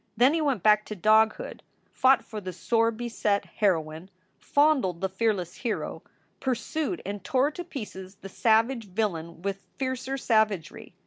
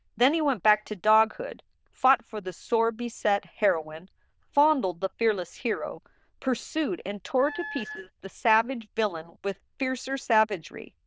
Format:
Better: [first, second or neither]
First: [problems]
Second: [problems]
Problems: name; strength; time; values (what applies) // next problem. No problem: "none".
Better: first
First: none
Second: noise reduction (neural diffusion model UNIVERSE++)